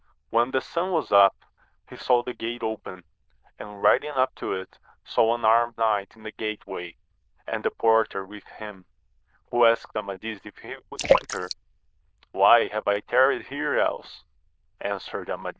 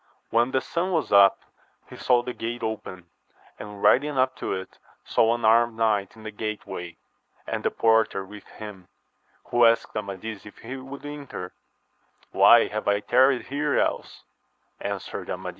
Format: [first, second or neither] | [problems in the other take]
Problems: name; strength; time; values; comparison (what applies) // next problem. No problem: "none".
second | noise reduction (neural diffusion model UNIVERSE++)